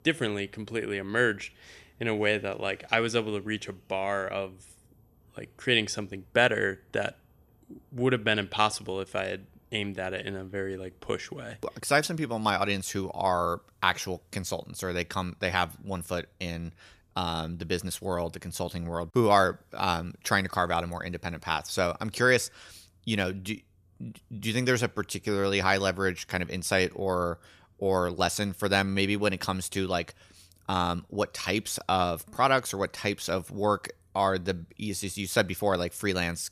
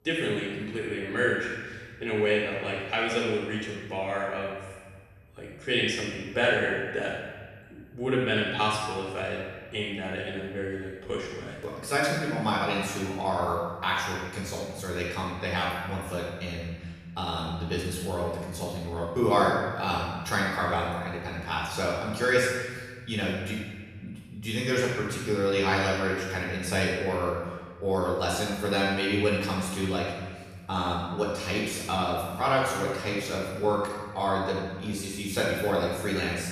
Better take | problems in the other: first | off-mic speech; far // room echo; strong; dies away in 1.4 s

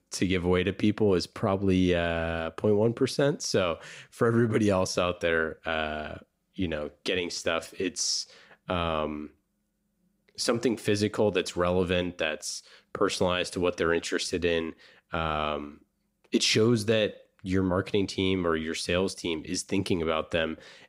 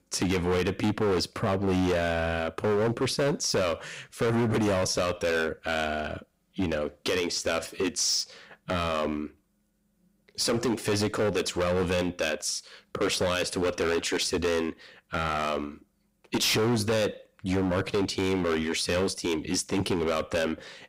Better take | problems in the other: first | distortion; heavy; 16% of the sound clipped

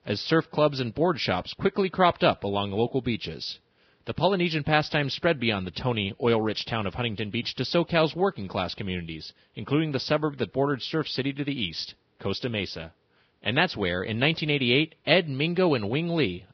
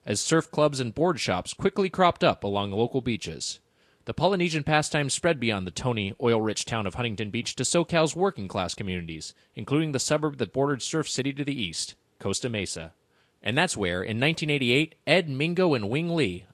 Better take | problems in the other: second | garbled, watery; badly; nothing above 5.5 kHz; slightly in the second

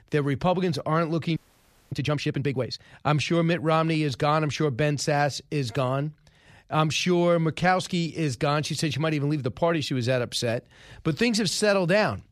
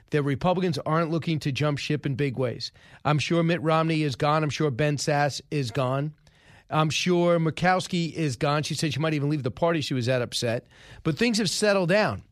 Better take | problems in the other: second | audio freezing; at 1.5 s for 0.5 s

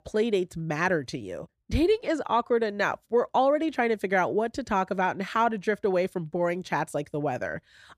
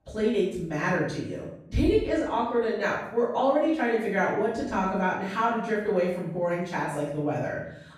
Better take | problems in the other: first | off-mic speech; far // room echo; noticeable; dies away in 0.6 s

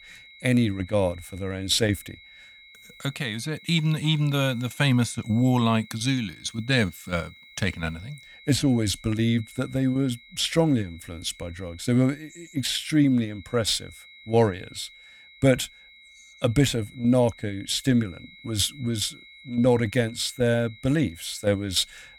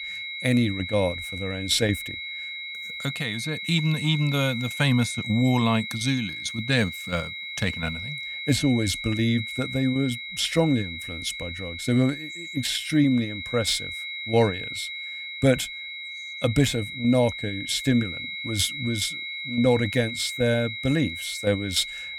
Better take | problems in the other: first | high-pitched whine; loud; throughout; 2 kHz, 7 dB below the speech; faint in the first

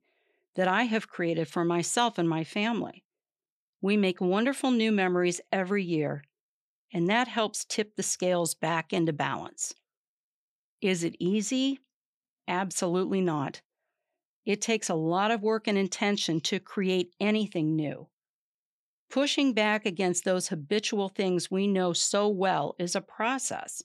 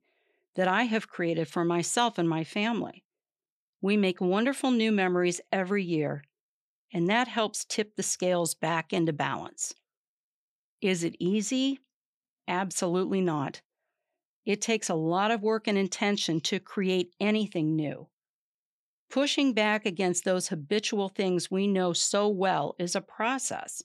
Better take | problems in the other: neither | none

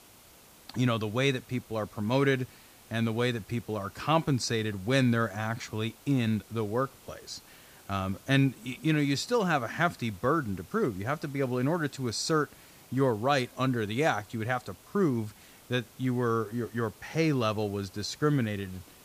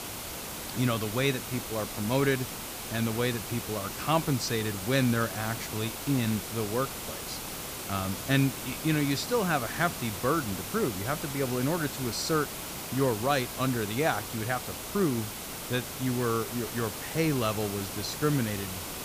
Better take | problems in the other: first | hiss; loud; throughout; 6 dB below the speech; faint in the first

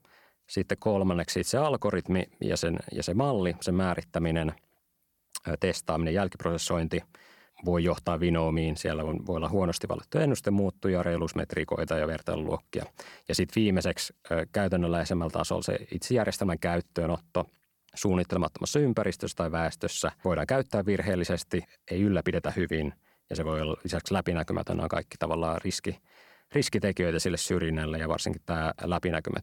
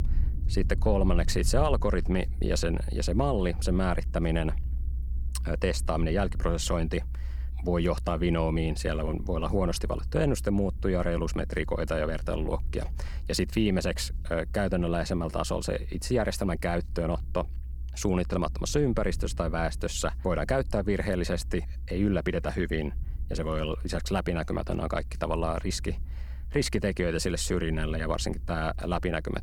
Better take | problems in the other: first | low rumble; faint; throughout; 25 dB below the speech

